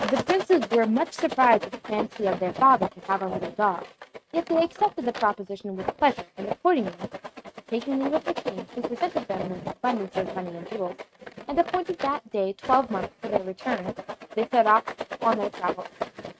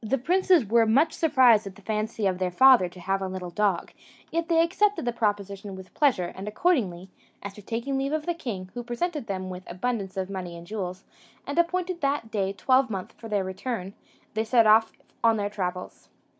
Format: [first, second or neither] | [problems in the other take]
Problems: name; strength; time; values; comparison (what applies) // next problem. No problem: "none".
second | noise reduction (neural mask model RNNoise)